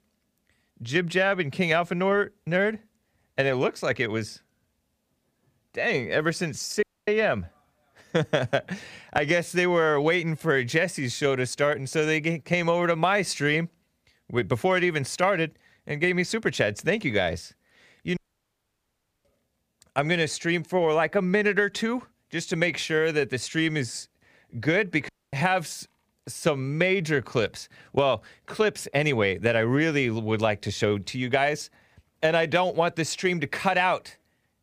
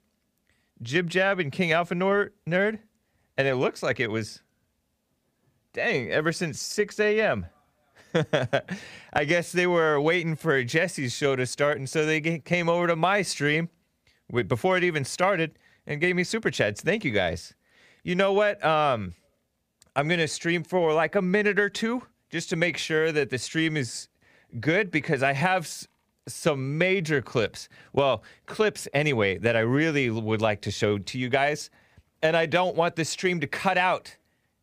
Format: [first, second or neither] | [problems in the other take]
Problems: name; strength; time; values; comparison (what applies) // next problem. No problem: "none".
second | audio cutting out; at 7 s, at 18 s for 1 s and at 25 s